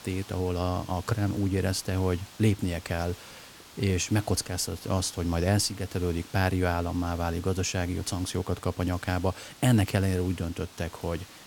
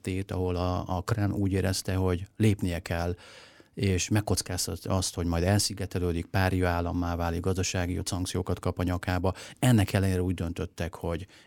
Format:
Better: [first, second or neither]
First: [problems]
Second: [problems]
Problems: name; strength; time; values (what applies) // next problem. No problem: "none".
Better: second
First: hiss; noticeable; throughout; 20 dB below the speech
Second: none